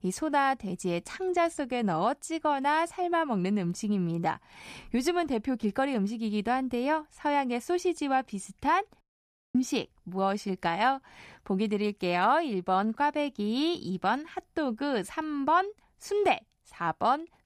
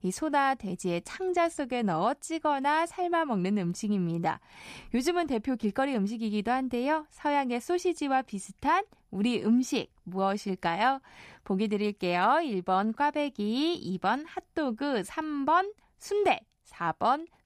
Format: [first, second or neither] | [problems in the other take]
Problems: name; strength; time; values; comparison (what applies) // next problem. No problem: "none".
second | audio cutting out; at 9 s for 0.5 s